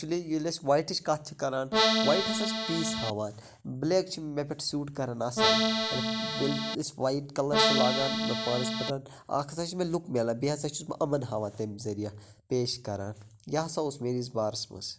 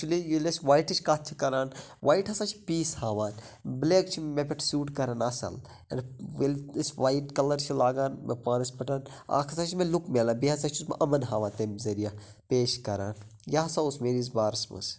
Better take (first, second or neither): second